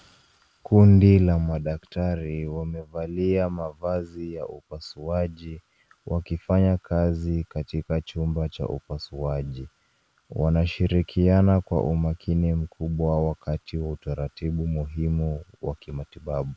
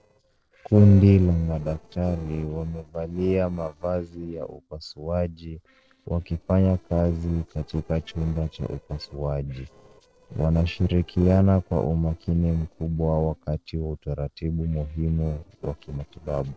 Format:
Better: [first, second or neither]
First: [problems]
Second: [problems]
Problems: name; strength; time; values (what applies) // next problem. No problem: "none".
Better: first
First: none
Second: noise reduction (neural separator model SepFormer DNS4)